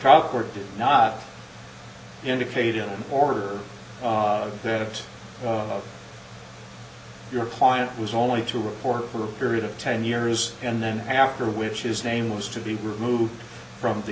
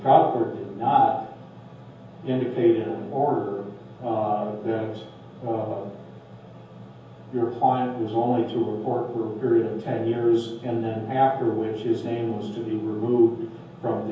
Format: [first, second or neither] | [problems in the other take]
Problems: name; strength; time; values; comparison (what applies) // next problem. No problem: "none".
first | room echo; dies away in 0.7 s